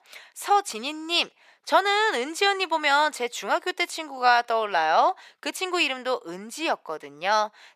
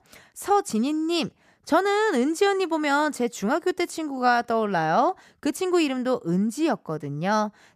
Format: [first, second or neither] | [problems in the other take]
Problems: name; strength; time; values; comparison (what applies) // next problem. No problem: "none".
second | thin; very; fading below 600 Hz